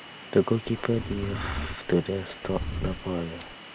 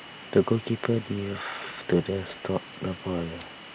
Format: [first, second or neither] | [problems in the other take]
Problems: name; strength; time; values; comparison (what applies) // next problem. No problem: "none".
second | background sound (Livestock, farm animals, working animals); 7 dB below the speech